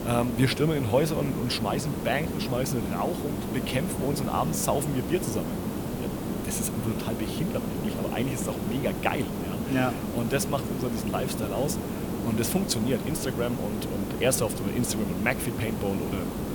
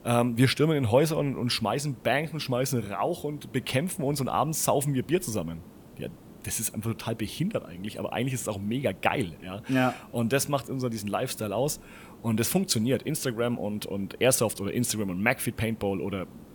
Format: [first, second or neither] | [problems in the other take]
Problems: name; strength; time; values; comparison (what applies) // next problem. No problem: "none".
second | hiss; loud; throughout; 3 dB below the speech; faint in the second